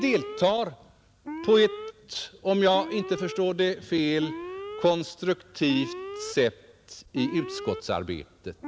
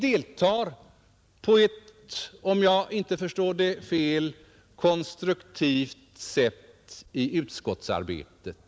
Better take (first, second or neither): second